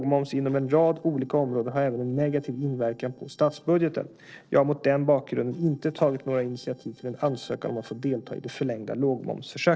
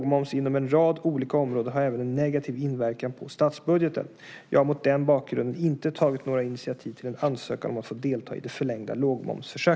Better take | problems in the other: second | noise reduction (neural separator model SepFormer DNS4)

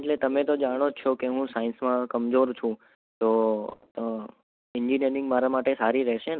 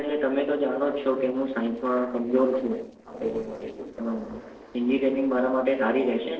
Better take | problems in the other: first | noise reduction (neural separator model SepFormer DNS4)

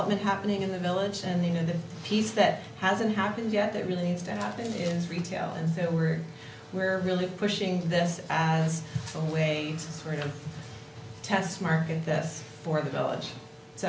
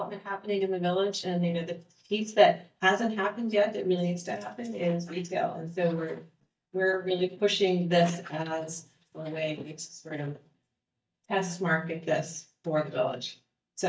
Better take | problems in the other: first | noise reduction (neural mask model DeepFilterNet 3)

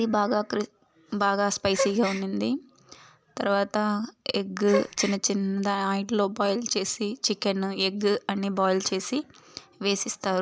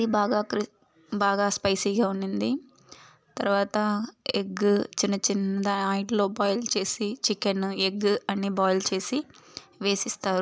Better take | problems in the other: second | background sound (Gasp); 10 dB below the speech

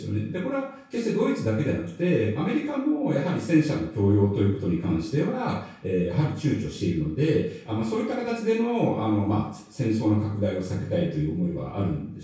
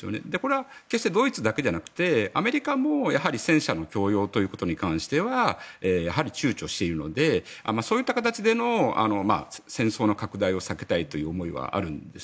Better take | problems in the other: second | room echo; dies away in 0.6 s

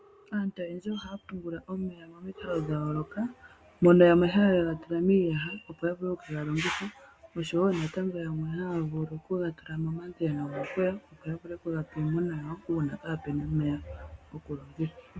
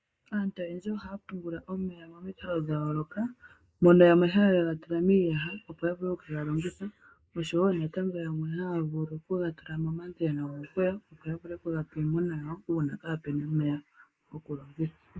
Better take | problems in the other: first | noise reduction (neural mask model Resemble Enhance denoiser)

